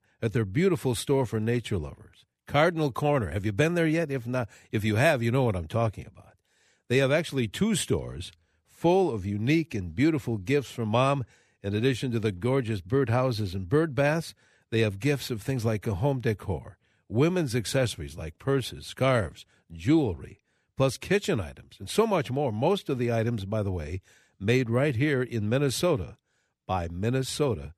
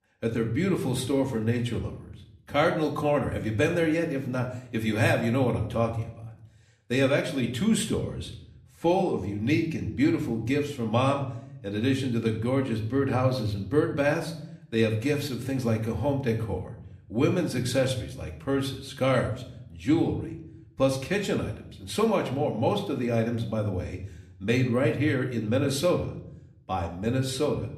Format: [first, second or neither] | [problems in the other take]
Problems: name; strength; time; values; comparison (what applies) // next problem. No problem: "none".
first | room echo; slight; dies away in 0.5 s // off-mic speech; somewhat distant